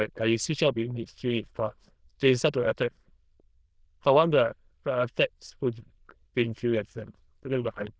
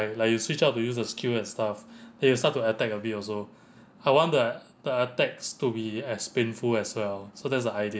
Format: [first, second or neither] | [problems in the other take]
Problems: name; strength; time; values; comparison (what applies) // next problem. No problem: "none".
second | noise reduction (neural diffusion model UNIVERSE++)